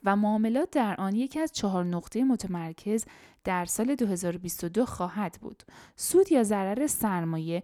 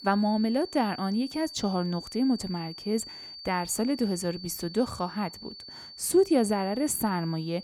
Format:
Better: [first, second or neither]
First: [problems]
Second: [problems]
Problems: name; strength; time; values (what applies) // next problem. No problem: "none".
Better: first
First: none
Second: high-pitched whine; noticeable; throughout; 4.5 kHz, 15 dB below the speech